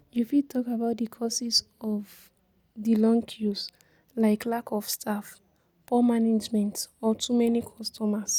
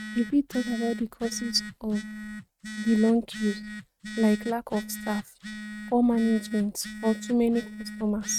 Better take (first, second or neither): first